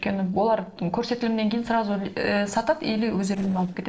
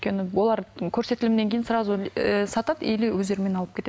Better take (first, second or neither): second